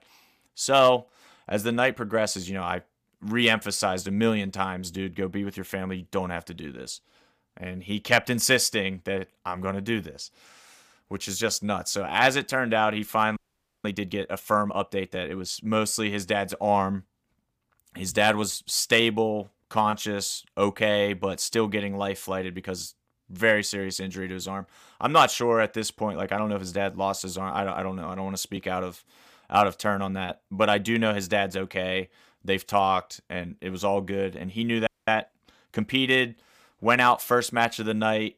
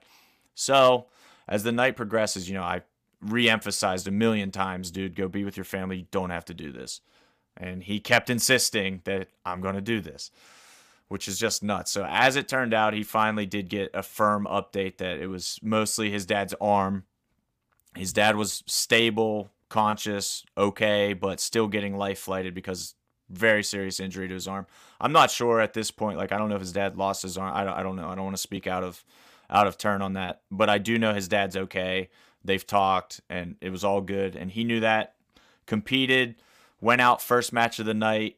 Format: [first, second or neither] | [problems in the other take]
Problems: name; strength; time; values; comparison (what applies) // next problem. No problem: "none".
second | audio freezing; at 13 s and at 35 s